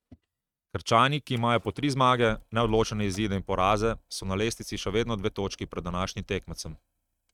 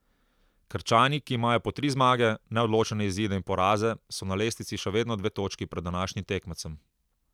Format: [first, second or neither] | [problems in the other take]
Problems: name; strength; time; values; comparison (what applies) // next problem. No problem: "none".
second | noise reduction (neural mask model RNNoise)